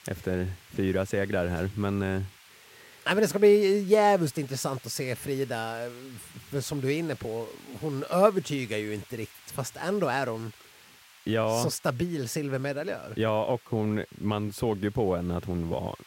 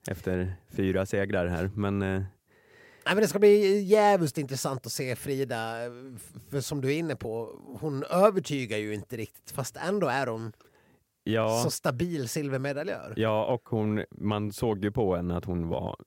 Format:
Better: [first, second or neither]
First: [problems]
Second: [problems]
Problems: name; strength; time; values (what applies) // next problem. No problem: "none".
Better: second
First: hiss; faint; throughout; 25 dB below the speech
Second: none